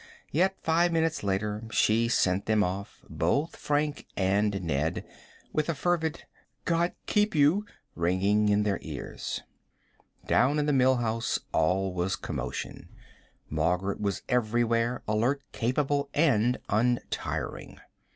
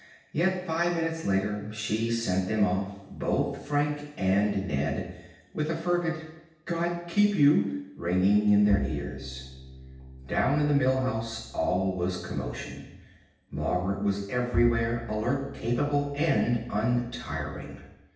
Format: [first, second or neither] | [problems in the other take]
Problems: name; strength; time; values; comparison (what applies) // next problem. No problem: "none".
first | background sound (Bowed string instrument); 10 dB below the speech // room echo; dies away in 0.9 s